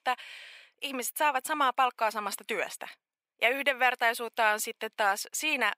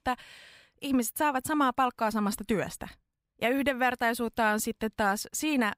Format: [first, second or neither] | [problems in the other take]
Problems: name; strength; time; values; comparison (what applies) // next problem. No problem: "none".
second | thin; very; fading below 600 Hz